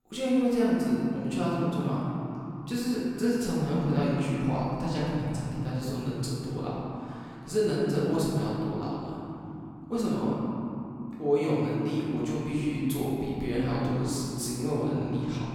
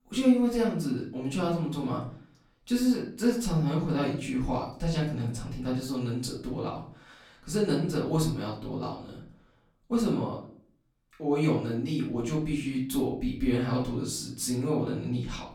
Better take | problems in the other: second | room echo; strong; dies away in 3 s; slight in the second // off-mic speech; far; far in the second

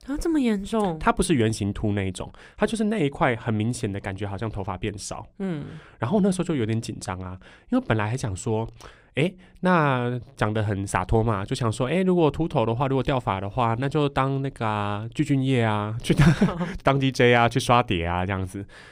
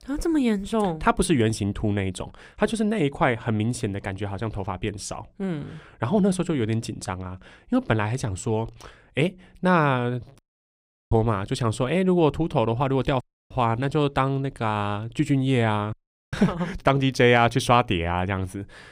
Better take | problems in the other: first | audio cutting out; at 10 s for 0.5 s, at 13 s and at 16 s

